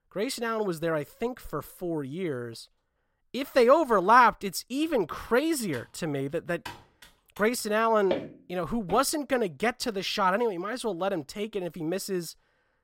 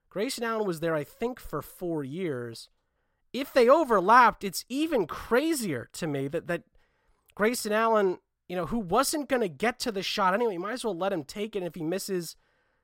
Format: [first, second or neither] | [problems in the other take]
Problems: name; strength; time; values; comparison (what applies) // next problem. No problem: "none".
second | keyboard typing; faint; from 5.5 to 7.5 s; peak 15 dB below the speech // footsteps; noticeable; at 8 s; peak 6 dB below the speech